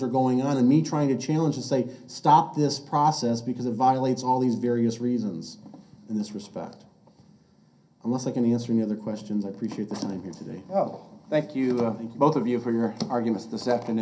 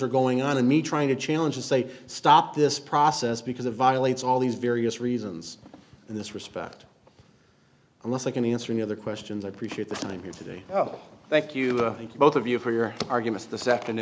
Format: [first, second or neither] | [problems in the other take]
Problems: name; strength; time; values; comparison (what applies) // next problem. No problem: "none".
second | room echo; dies away in 0.3 s